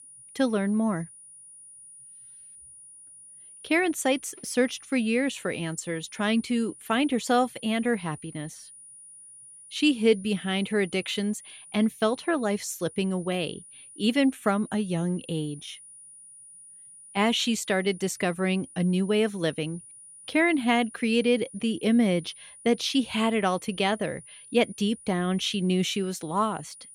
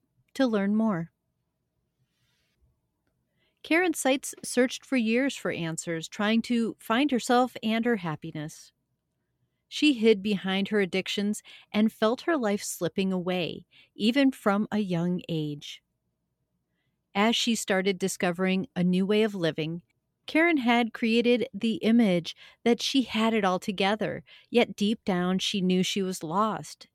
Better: second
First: high-pitched whine; noticeable; throughout; 9.5 kHz, 20 dB below the speech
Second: none

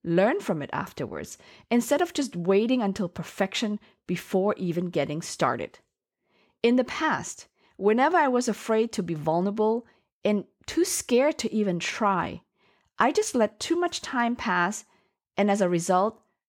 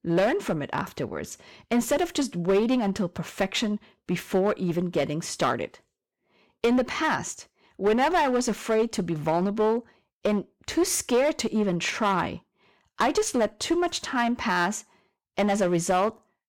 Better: first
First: none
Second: distortion; slight; 6% of the sound clipped

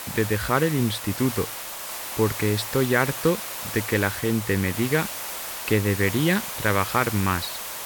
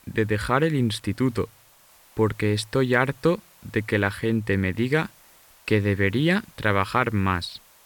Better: second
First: hiss; loud; throughout; 6 dB below the speech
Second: hiss; faint; throughout; 30 dB below the speech

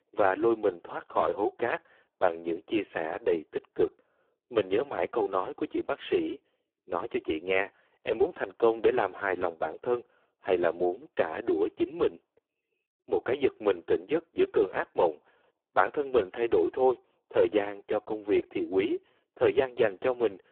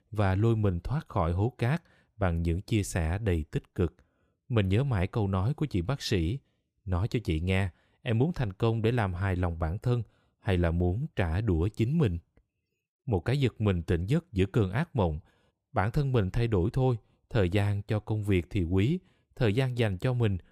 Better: second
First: phone-call audio; poor line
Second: none

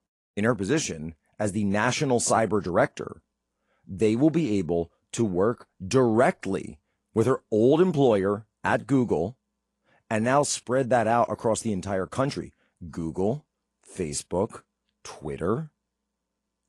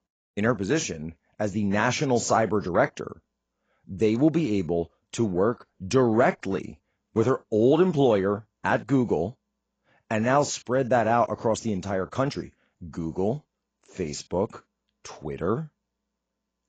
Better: first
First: garbled, watery; slightly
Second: garbled, watery; badly; nothing above 7.5 kHz

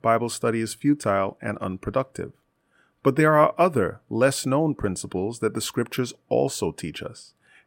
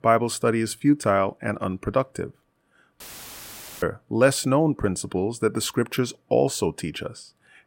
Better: first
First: none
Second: audio cutting out; filled with static; at 3 s for 1 s

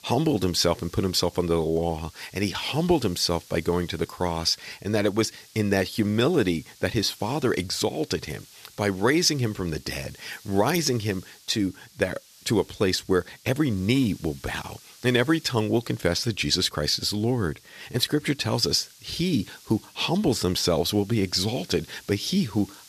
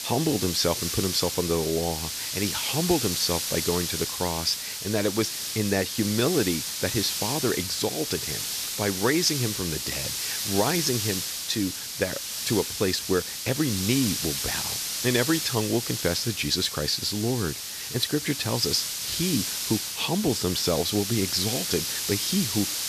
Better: first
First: hiss; faint; throughout; 25 dB below the speech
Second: hiss; loud; throughout; 2 dB below the speech

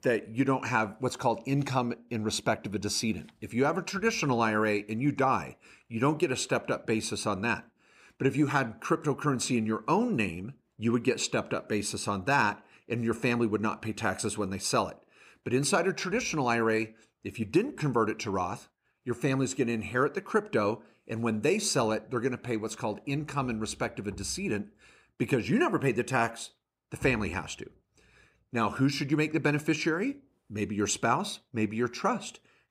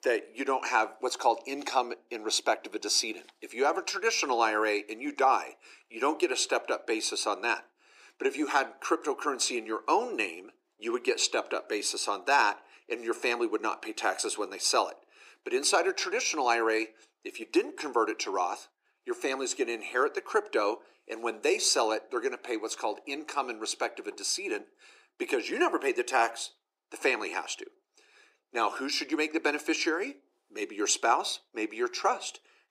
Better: first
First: none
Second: thin; very; fading below 350 Hz

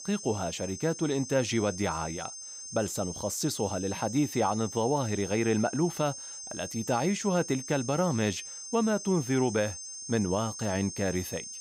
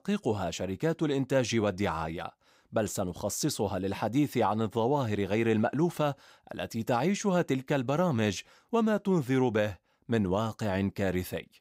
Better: second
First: high-pitched whine; loud; throughout; 6.5 kHz, 9 dB below the speech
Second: none

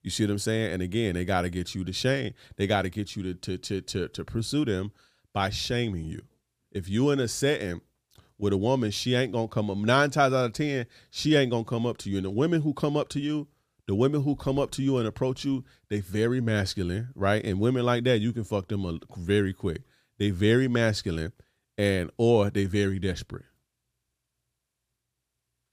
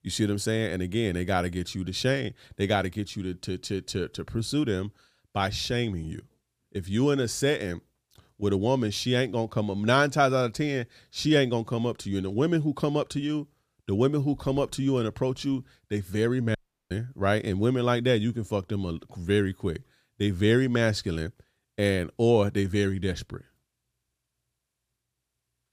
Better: first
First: none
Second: audio cutting out; at 17 s

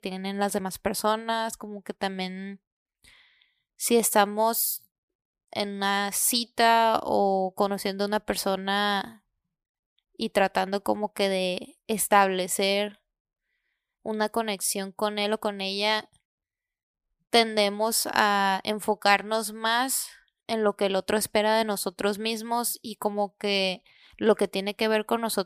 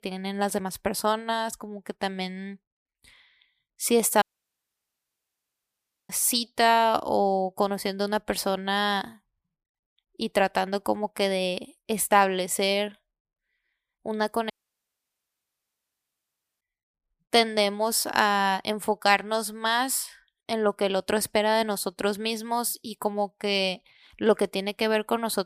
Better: first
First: none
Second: audio cutting out; at 4 s for 2 s and at 15 s for 2 s

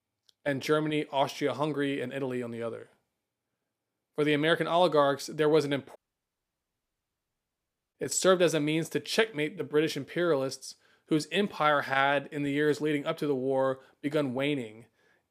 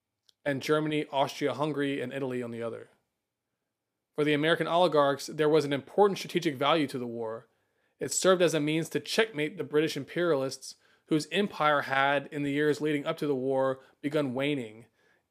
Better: second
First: audio cutting out; at 6 s for 2 s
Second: none

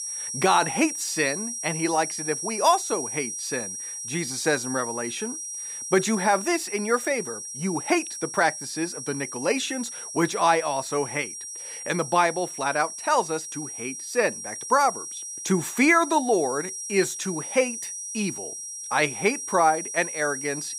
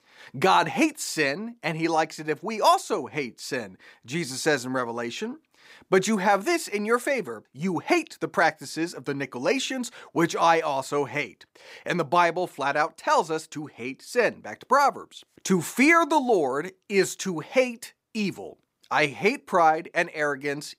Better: second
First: high-pitched whine; loud; throughout; 5.5 kHz, 7 dB below the speech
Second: none

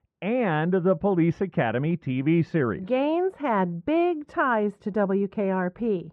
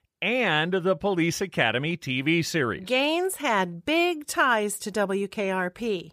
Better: second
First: muffled; very; fading above 1 kHz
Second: none

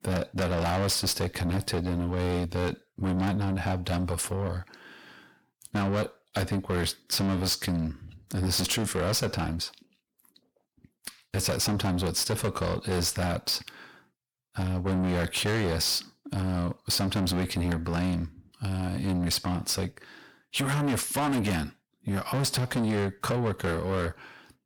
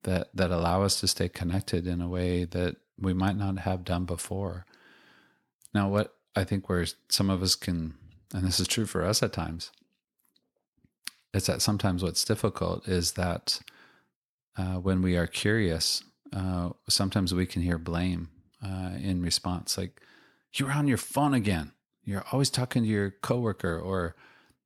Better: second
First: distortion; heavy; 5 dB below the speech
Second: none

